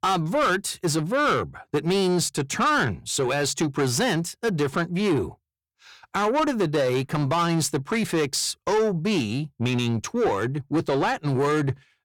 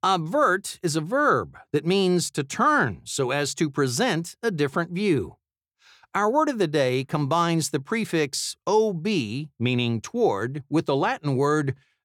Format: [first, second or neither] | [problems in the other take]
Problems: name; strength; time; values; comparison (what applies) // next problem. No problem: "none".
second | distortion; slight; 10 dB below the speech